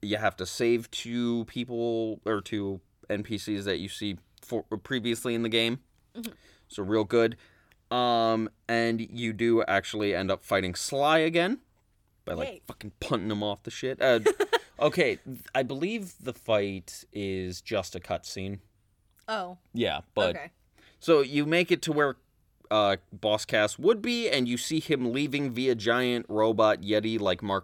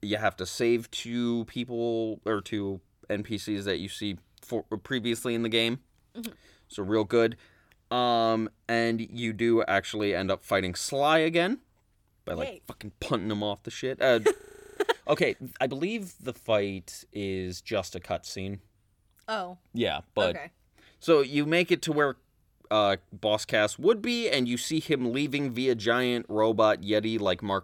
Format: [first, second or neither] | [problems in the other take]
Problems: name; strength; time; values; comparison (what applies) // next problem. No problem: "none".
first | audio freezing; at 14 s